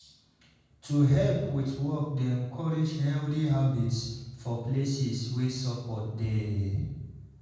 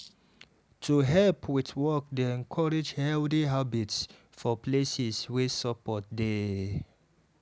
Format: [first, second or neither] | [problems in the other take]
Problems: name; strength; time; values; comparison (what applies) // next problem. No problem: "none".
second | room echo; dies away in 1.2 s